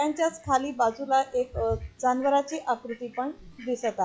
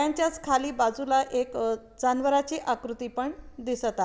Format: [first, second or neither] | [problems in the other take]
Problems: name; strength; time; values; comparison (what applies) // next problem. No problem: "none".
second | noise reduction (classical method log-MMSE)